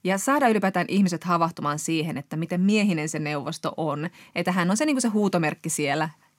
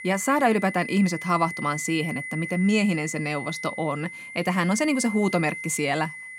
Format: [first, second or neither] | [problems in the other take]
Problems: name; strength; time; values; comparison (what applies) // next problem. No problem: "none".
first | high-pitched whine; loud; throughout; 2 kHz, 9 dB below the speech